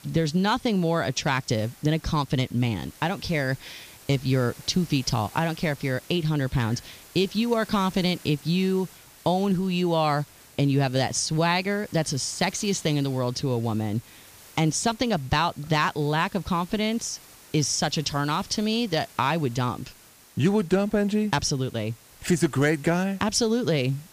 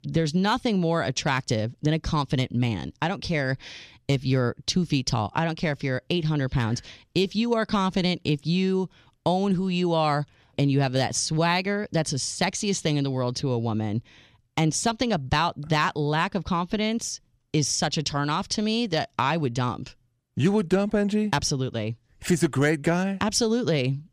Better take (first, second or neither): second